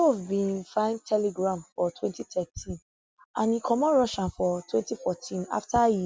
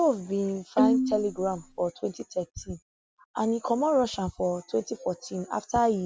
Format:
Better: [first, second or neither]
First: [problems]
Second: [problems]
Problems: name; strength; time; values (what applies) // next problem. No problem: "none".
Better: first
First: none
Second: background sound (Bowed string instrument); 1 dB above the speech